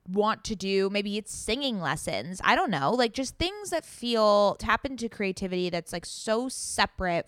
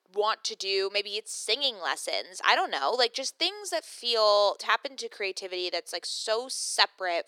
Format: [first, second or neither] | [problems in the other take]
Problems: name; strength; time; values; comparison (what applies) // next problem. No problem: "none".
first | thin; very; fading below 350 Hz